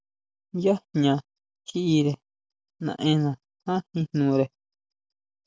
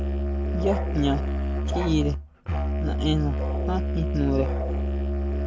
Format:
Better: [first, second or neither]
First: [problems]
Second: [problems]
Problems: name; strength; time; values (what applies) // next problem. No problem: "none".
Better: first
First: none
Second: background sound (Musical instrument); 3 dB above the speech